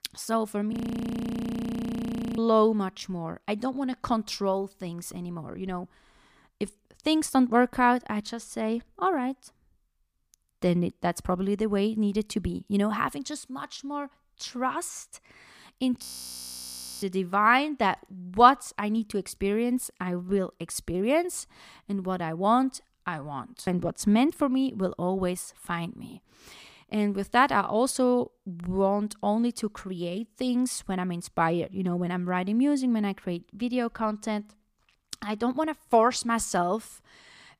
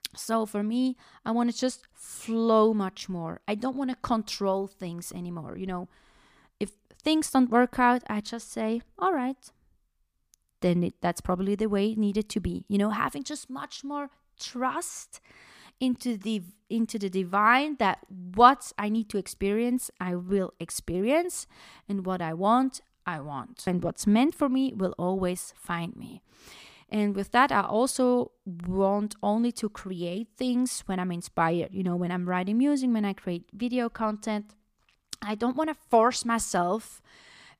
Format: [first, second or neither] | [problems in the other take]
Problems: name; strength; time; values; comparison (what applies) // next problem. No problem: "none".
second | audio freezing; at 0.5 s for 1.5 s and at 16 s for 1 s